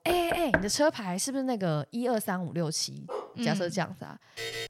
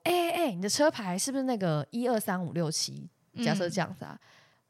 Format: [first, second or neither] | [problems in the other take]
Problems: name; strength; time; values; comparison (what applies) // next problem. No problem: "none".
second | door banging; loud; at the start; peak level with the speech // dog barking; noticeable; at 3 s; peak 10 dB below the speech // alarm; noticeable; at 4.5 s; peak 6 dB below the speech